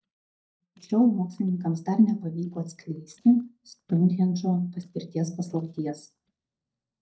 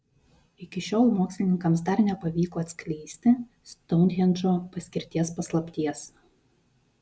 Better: second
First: noise reduction (neural mask model DeepFilterNet 3)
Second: none

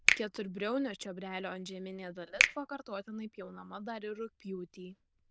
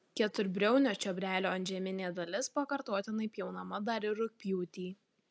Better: second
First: noise reduction (neural diffusion model UNIVERSE++)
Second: none

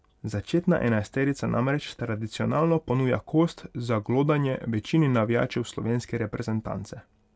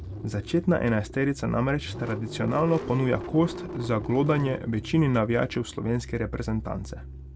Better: first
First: none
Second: background sound (Engine starting / Car); 12 dB below the speech

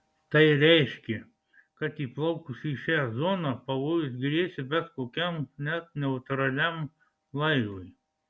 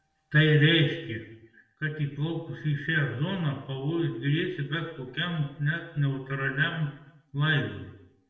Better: first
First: none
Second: room echo; dies away in 0.8 s

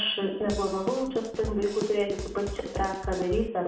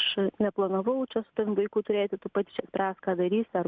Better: second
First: background sound (Drum kit); 8 dB below the speech // room echo; dies away in 0.7 s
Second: none

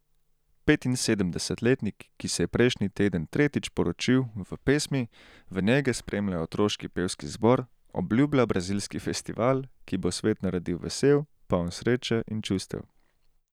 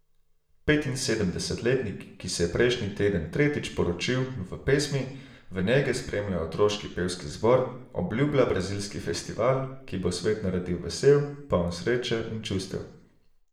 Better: first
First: none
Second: room echo; dies away in 0.6 s

